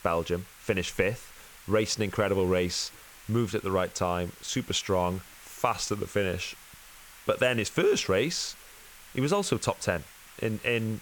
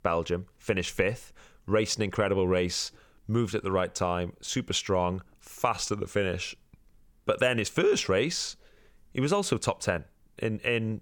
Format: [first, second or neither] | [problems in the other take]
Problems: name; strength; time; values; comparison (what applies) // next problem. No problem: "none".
second | hiss; noticeable; throughout; 20 dB below the speech